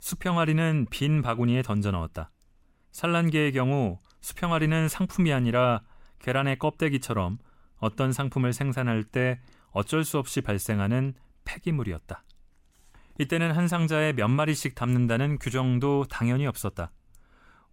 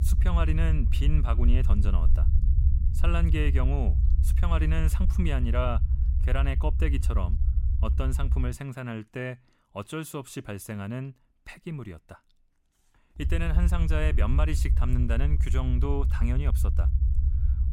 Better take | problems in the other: first | low rumble; loud; until 8.5 s and from 13 s on; 9 dB below the speech

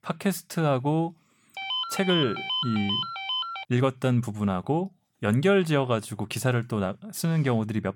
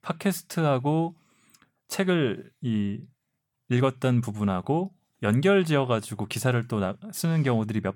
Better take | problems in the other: second | phone ringing; noticeable; from 1.5 to 3.5 s; peak 1 dB below the speech

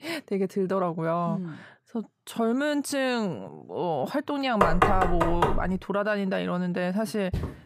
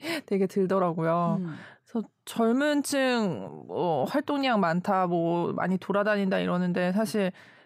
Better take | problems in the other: second | door banging; loud; from 4.5 to 5.5 s; peak 5 dB above the speech // footsteps; very faint; at 7.5 s; peak 6 dB below the speech

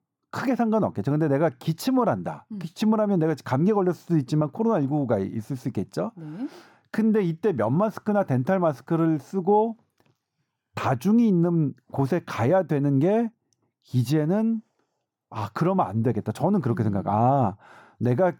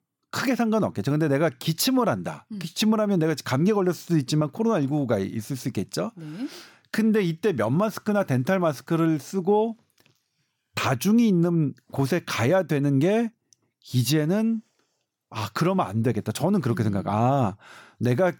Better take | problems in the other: second | muffled; slightly; fading above 2 kHz

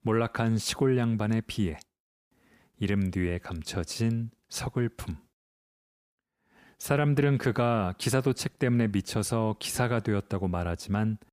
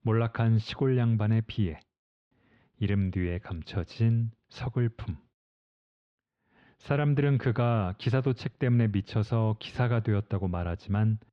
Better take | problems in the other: first | muffled; slightly; fading above 3.5 kHz

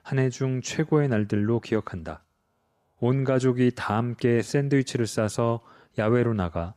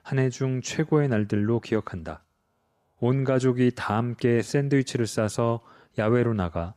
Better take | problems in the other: neither | none

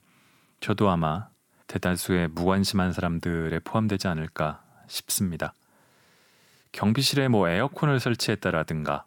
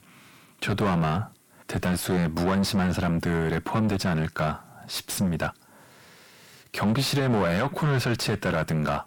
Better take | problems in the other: first | distortion; heavy; 6 dB below the speech

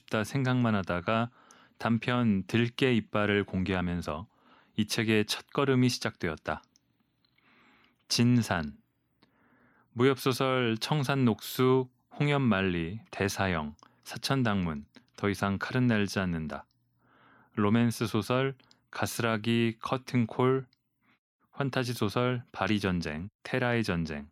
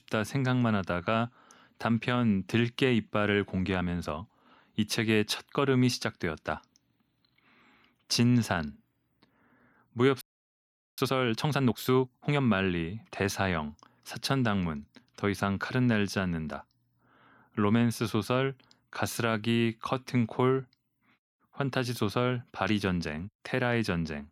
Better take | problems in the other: first | audio freezing; at 10 s for 1 s

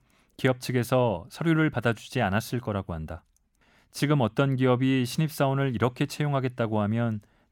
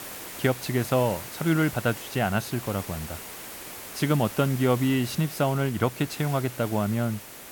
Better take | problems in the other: first | hiss; noticeable; throughout; 10 dB below the speech

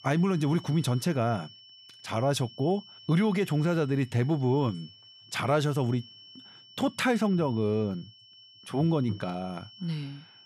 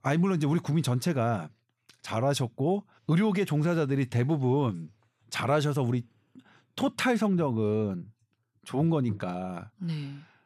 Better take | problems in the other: second | high-pitched whine; faint; throughout; 3 kHz, 20 dB below the speech

